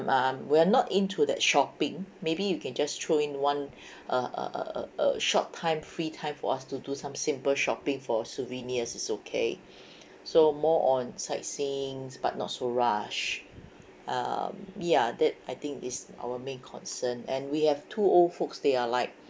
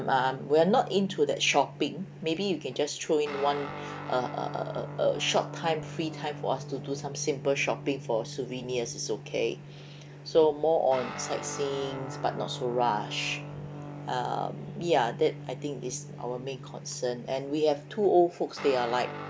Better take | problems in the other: first | background sound (Guitar); 12 dB below the speech

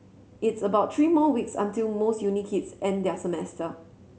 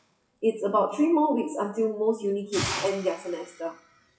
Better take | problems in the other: first | noise reduction (classical method WPE with log-MMSE)

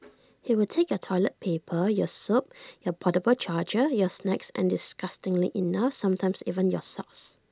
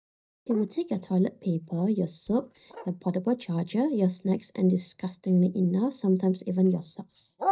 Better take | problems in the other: first | noise reduction (neural mask model DeepFilterNet 3)

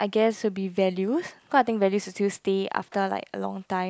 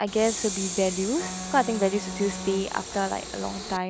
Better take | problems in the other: first | background sound (Wind instrument, woodwind instrument + Train); 7 dB below the speech

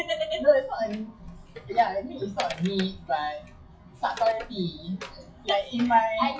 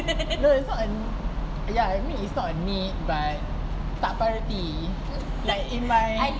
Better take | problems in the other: second | noise reduction (classical method WPE with log-MMSE)

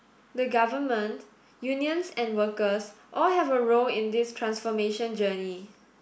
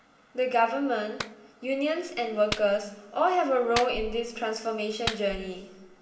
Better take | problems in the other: first | background sound (Clapping); 12 dB below the speech // room echo; dies away in 1.1 s

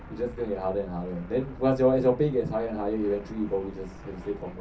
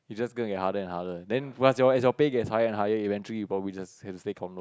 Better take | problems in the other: second | background sound (Fixed-wing aircraft, airplane); 15 dB below the speech // room echo; dies away in 0.3 s

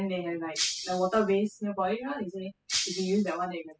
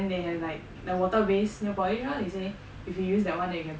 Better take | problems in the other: second | noise reduction (classical method spectral subtraction)

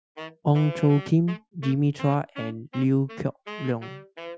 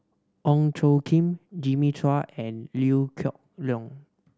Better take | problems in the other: second | noise reduction (classical method Wiener filter)

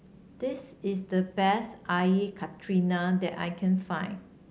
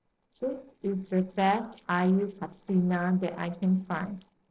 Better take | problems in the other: first | noise reduction (neural separator model SepFormer DNS4)

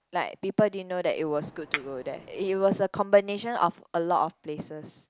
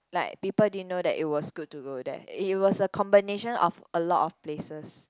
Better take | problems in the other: second | background sound (Chink, clink); 13 dB below the speech

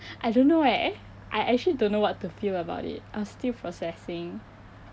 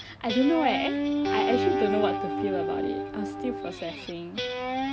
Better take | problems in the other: first | background sound (Guitar); 1 dB above the speech

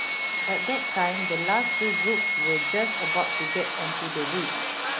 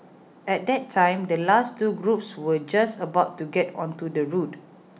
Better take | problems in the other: second | background sound (Sawing); 3 dB above the speech

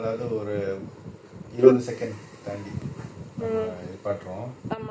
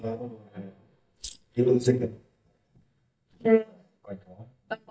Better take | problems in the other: first | noise reduction (neural mask model DeepFilterNet 3)

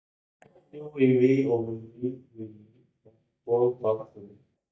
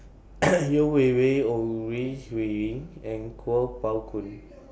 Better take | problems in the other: second | noise reduction (neural mask model DeepFilterNet 3)

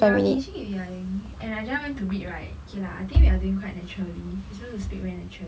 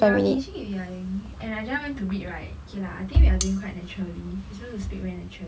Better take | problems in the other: first | background sound (Cutlery, silverware); 11 dB below the speech

